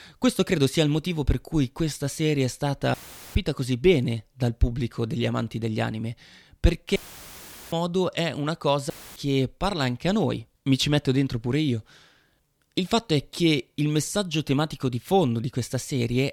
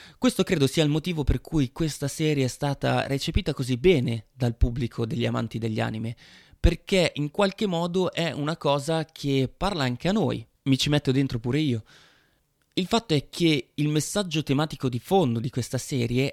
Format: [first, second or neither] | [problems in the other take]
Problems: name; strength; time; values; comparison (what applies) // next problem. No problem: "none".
second | audio cutting out; filled with static; at 3 s, at 7 s for 1 s and at 9 s